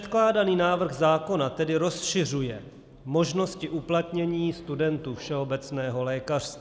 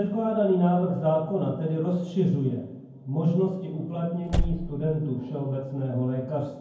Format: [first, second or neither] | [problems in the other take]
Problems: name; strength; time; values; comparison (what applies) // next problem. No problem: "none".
first | background sound (Slam / Car); 3 dB below the speech // room echo; dies away in 0.9 s